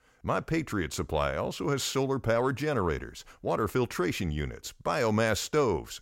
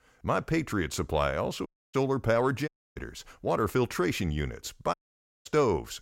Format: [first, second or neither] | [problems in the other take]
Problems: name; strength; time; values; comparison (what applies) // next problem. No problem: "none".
first | audio cutting out; at 1.5 s, at 2.5 s and at 5 s for 0.5 s